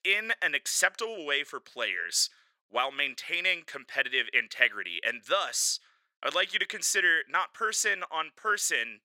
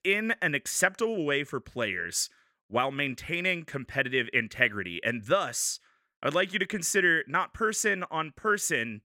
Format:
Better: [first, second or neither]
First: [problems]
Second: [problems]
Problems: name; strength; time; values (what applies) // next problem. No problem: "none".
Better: second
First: thin; very; fading below 600 Hz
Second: none